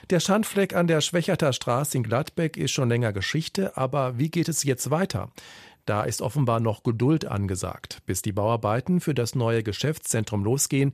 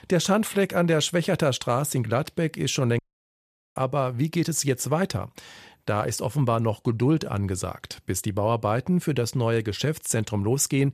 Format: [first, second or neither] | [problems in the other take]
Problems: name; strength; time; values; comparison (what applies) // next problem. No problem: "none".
first | audio cutting out; at 3 s for 1 s